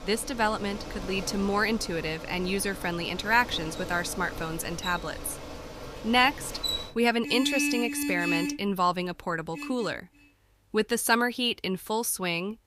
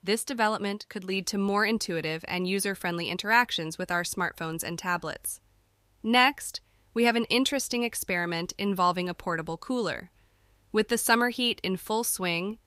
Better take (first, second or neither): second